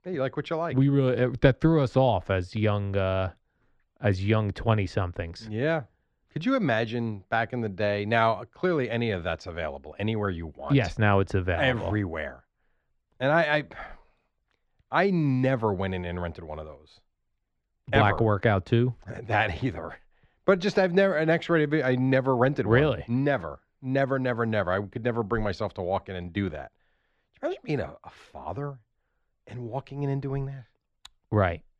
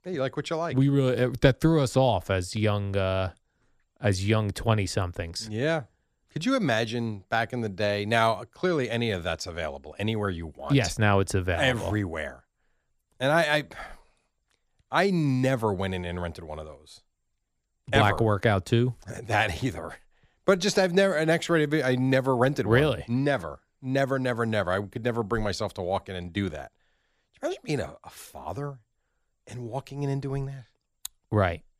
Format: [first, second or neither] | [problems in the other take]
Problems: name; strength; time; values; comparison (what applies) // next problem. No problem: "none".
second | muffled; slightly; fading above 3 kHz